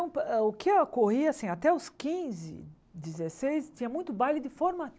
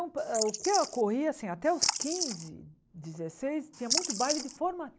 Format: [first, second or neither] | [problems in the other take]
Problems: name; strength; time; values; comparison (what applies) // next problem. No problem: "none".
first | noise reduction (neural mask model Resemble Enhance denoiser)